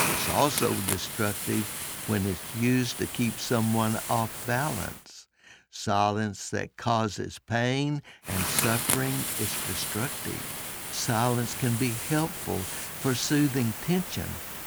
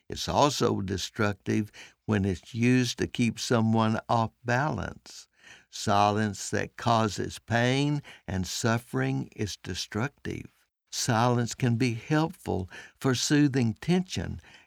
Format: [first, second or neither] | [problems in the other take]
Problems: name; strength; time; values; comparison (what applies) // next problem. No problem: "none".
second | hiss; loud; until 5 s and from 8.5 s on; 2 dB below the speech